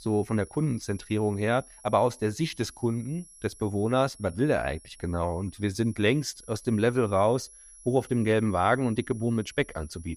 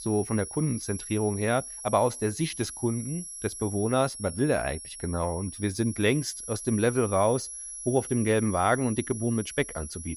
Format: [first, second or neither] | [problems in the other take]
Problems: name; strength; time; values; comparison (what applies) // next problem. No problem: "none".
first | high-pitched whine; loud; throughout; 11 kHz, 9 dB below the speech; faint in the first